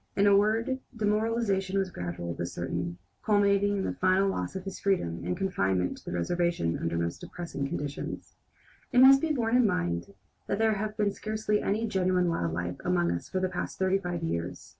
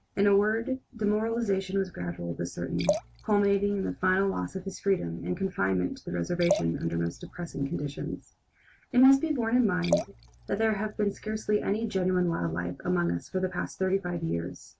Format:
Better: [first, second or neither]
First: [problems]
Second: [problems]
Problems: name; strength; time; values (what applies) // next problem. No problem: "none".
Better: first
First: none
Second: background sound (Liquid); 8 dB below the speech